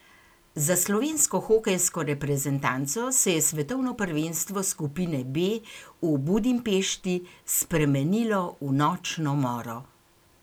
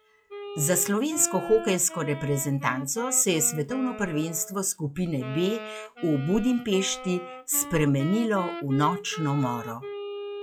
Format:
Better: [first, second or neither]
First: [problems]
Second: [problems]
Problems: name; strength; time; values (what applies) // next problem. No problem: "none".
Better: first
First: none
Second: noise reduction (classical method log-MMSE)